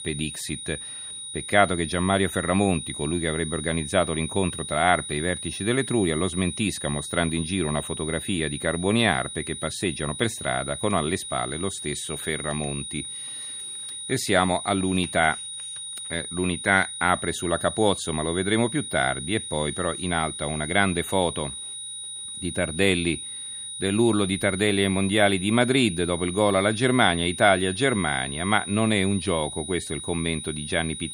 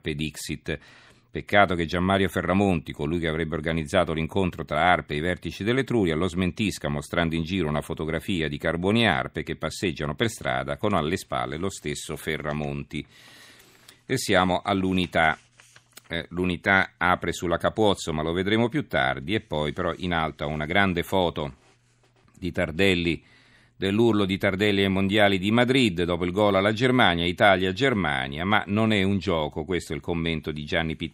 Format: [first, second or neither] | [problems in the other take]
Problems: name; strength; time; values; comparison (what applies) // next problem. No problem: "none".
second | high-pitched whine; loud; throughout; 9.5 kHz, 8 dB below the speech